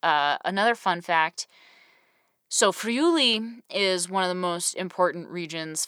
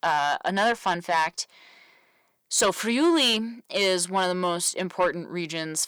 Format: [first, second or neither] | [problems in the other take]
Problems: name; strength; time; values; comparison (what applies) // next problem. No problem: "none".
first | distortion; slight; 10 dB below the speech